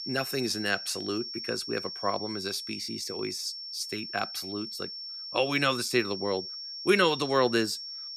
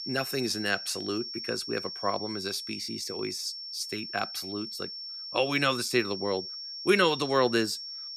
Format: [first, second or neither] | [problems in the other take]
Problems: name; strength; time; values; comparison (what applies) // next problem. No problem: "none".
neither | high-pitched whine; loud; throughout; 5.5 kHz, 7 dB below the speech; the same in both